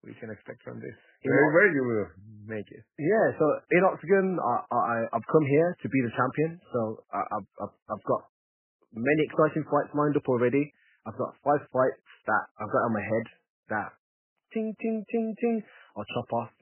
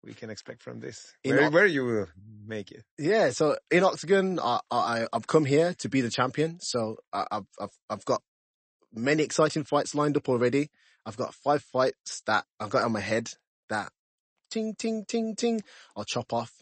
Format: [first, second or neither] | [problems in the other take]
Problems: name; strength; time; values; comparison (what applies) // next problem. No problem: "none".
second | garbled, watery; badly; nothing above 3 kHz; slightly in the second